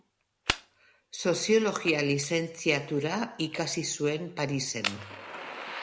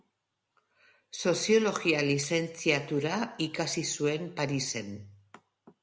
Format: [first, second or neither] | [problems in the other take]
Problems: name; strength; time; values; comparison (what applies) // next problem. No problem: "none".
second | background sound (Fire); 11 dB below the speech